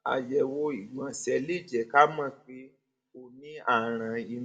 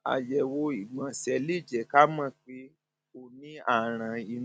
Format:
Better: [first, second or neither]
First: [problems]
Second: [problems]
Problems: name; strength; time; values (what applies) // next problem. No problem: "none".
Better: second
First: room echo; dies away in 0.2 s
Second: none